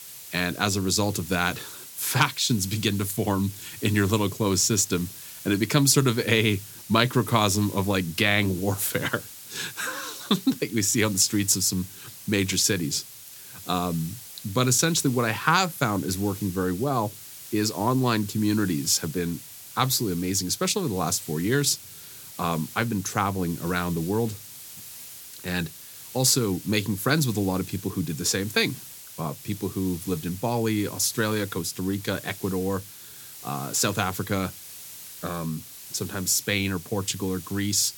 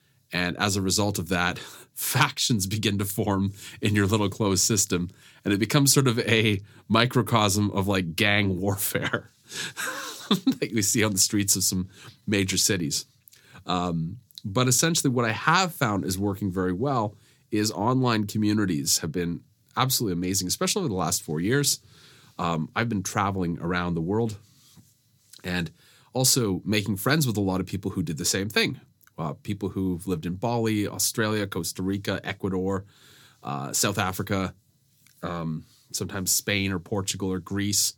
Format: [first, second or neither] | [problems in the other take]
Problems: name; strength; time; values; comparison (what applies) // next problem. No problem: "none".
second | hiss; noticeable; throughout; 15 dB below the speech